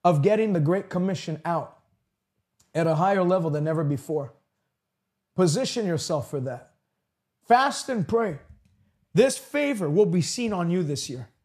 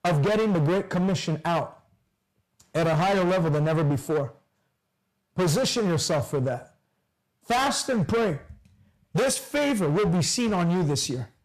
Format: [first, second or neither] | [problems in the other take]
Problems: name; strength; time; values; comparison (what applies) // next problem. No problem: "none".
first | distortion; heavy; 22% of the sound clipped